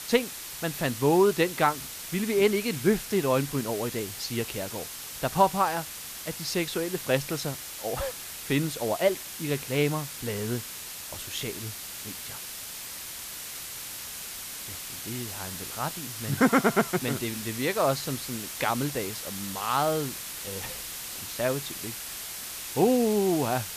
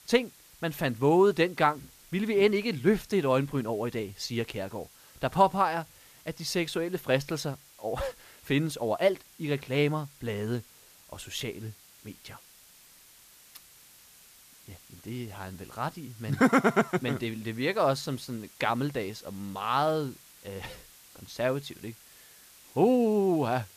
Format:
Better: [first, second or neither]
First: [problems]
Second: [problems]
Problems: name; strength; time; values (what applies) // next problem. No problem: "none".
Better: second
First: hiss; loud; throughout; 8 dB below the speech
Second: hiss; faint; throughout; 25 dB below the speech